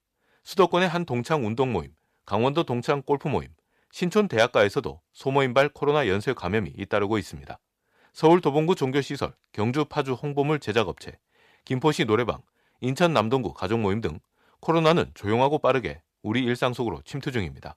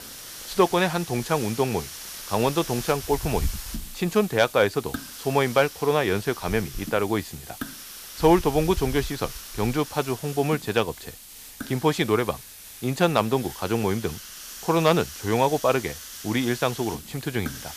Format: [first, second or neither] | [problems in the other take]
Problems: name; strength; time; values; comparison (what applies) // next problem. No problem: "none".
first | hiss; noticeable; throughout; 10 dB below the speech